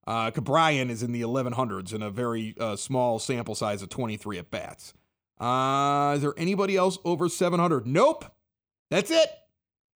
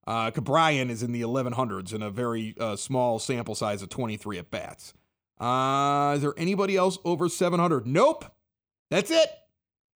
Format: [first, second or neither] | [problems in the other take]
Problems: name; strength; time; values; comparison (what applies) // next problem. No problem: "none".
neither | none